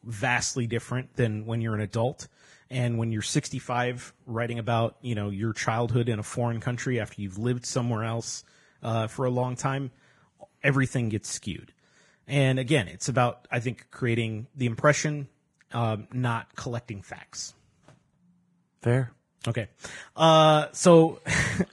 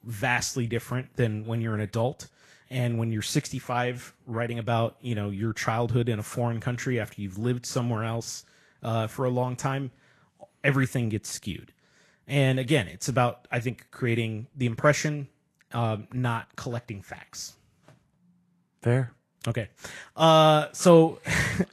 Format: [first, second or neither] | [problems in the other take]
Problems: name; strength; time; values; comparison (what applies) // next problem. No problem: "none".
second | garbled, watery; badly; nothing above 10.5 kHz; slightly in the second